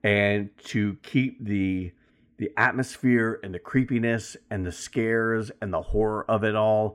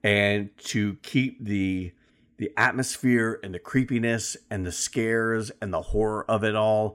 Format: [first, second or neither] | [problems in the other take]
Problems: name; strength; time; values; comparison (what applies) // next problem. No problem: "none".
second | muffled; slightly; fading above 3.5 kHz